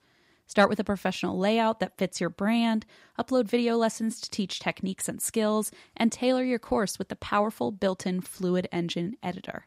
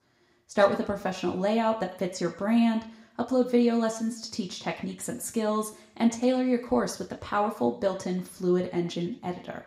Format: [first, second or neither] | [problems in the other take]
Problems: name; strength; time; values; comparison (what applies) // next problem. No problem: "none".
first | room echo; very slight; dies away in 0.5 s